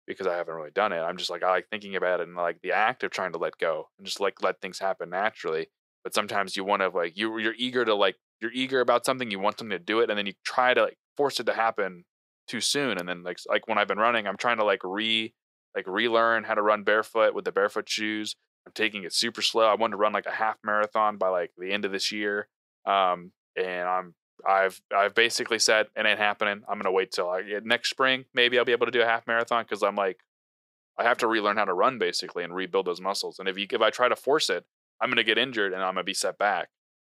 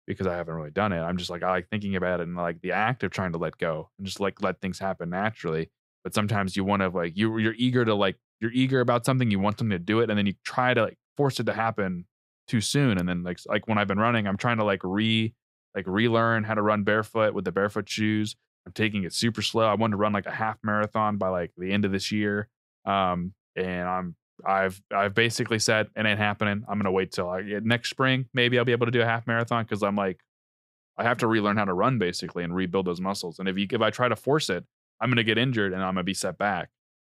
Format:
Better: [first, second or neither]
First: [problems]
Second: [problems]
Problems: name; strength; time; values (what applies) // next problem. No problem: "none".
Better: second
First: thin; somewhat; fading below 450 Hz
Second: none